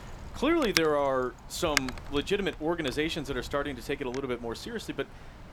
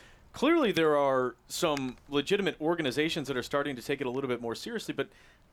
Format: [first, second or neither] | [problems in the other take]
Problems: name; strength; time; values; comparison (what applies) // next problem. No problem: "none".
second | wind noise on the microphone; heavy; 1 dB below the speech; occasional gusts in the second